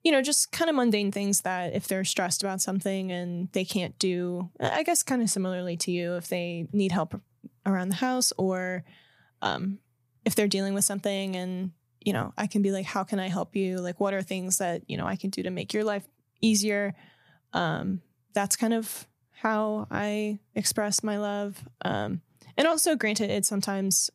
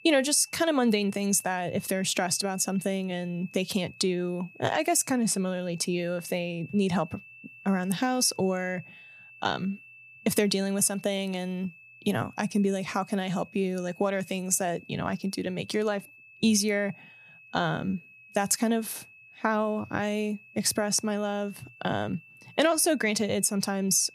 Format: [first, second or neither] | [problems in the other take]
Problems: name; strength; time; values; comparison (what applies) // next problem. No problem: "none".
first | high-pitched whine; faint; throughout; 2.5 kHz, 20 dB below the speech